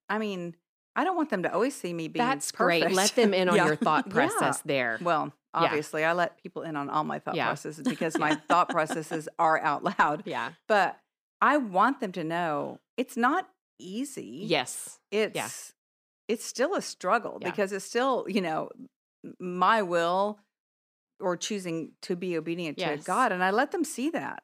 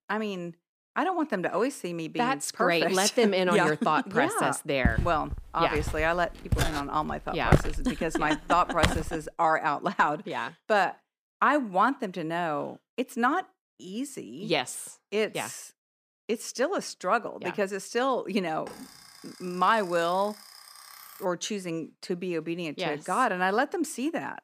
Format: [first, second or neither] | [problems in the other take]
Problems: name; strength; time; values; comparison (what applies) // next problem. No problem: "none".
first | footsteps; loud; from 5 to 9 s; peak 2 dB above the speech // alarm; faint; from 19 to 21 s; peak 15 dB below the speech